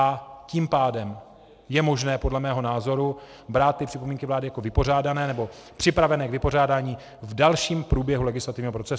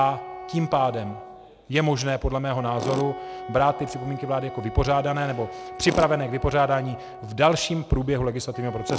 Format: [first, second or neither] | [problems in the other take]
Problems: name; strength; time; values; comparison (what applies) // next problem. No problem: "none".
first | background sound (Tools + Wind instrument, woodwind instrument); 12 dB below the speech